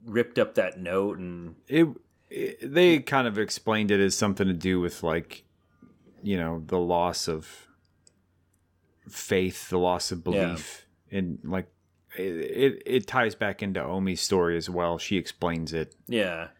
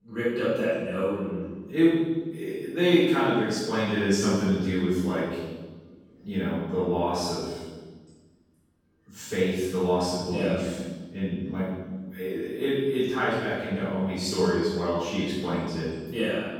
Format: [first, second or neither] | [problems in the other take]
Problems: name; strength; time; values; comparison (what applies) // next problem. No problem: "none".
first | room echo; strong; dies away in 1.3 s // off-mic speech; far